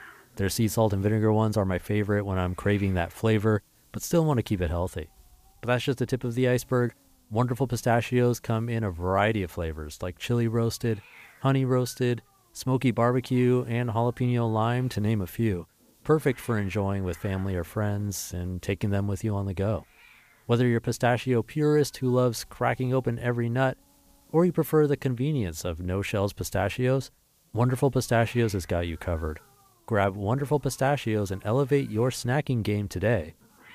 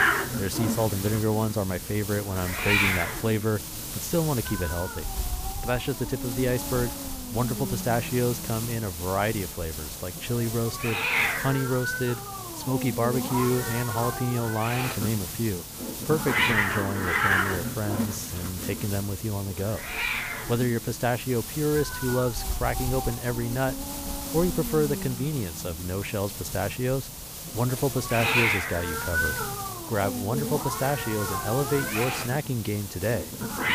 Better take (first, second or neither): first